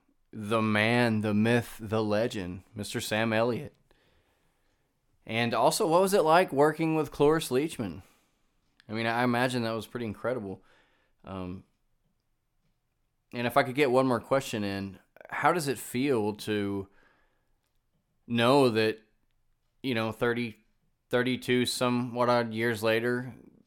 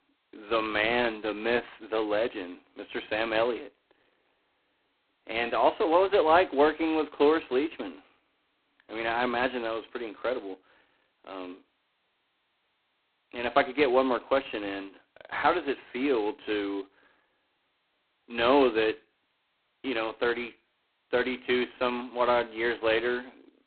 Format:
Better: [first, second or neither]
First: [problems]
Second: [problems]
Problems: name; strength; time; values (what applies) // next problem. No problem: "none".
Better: first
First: none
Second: phone-call audio; poor line; nothing above 4 kHz